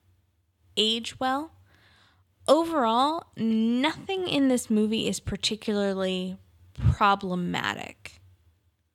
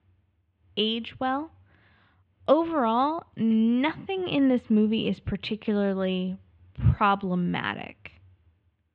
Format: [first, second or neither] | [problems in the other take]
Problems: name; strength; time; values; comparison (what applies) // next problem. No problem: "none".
first | muffled; very; fading above 3 kHz